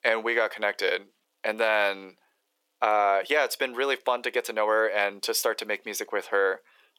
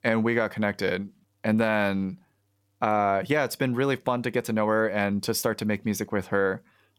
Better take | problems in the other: second | thin; very; fading below 400 Hz

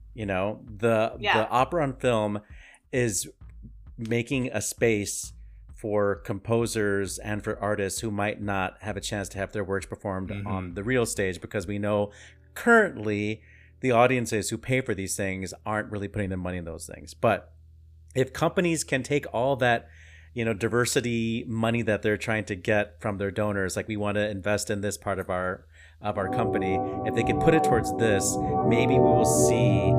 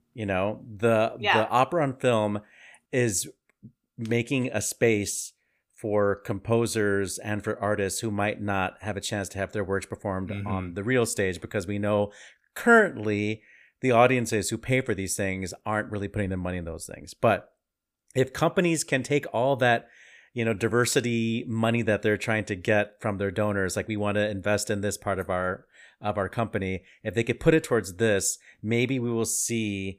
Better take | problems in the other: second | background music; very loud; throughout; 2 dB above the speech

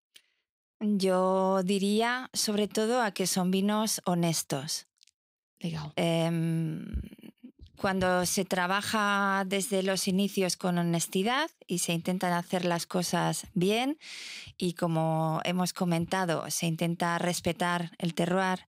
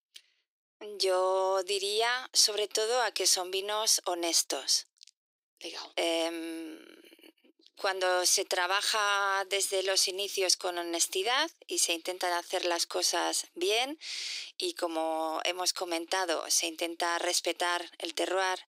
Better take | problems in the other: first | thin; very; fading below 300 Hz

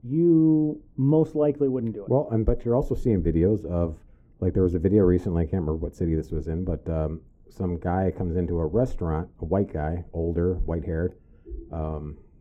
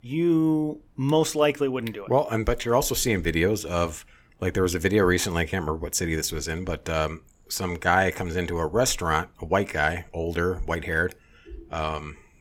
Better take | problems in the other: second | muffled; very; fading above 1 kHz

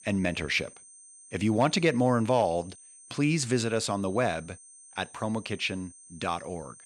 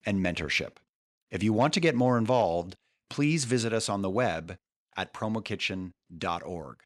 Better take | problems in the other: second | high-pitched whine; faint; throughout; 8.5 kHz, 20 dB below the speech

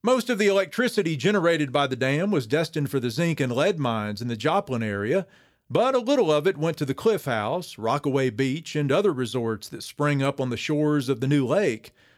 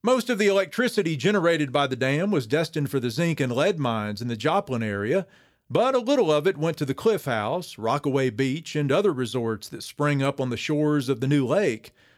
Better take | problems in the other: neither | none

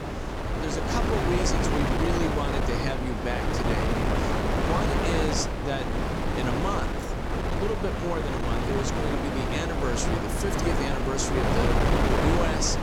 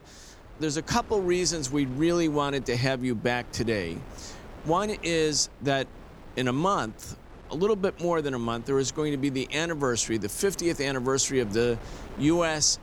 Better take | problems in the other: second | wind noise on the microphone; heavy; 4 dB above the speech; occasional gusts in the second

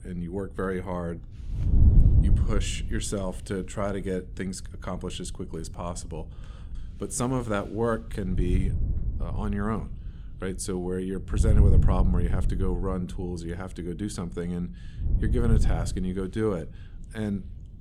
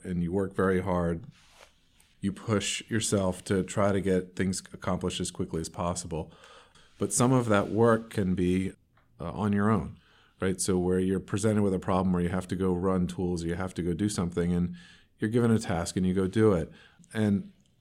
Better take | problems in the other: second | wind noise on the microphone; heavy; 8 dB below the speech

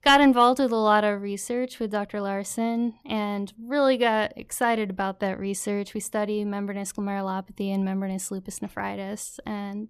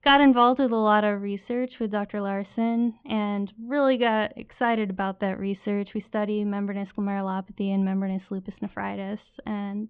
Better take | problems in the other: first | muffled; very; fading above 3 kHz

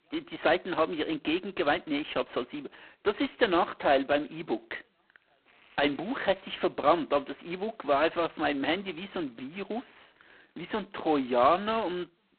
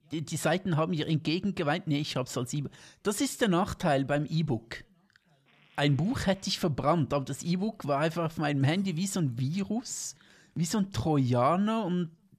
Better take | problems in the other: second | phone-call audio; poor line; nothing above 4 kHz

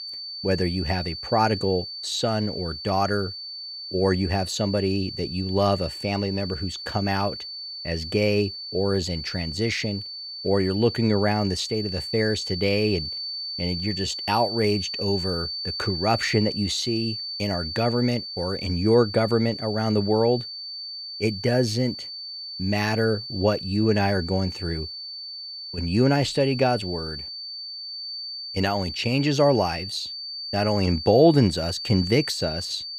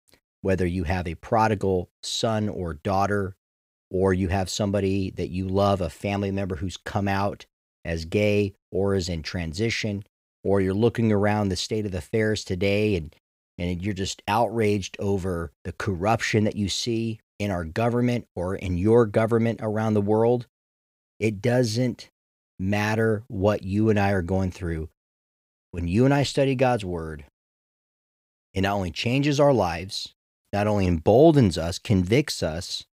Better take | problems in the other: second | high-pitched whine; loud; throughout; 4.5 kHz, 7 dB below the speech

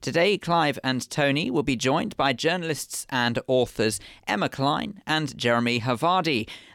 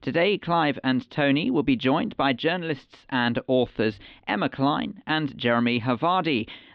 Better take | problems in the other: first | muffled; slightly; fading above 3.5 kHz

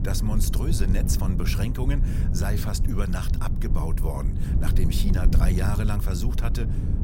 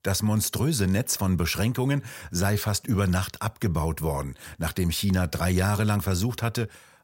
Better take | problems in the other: second | low rumble; loud; throughout; 5 dB below the speech

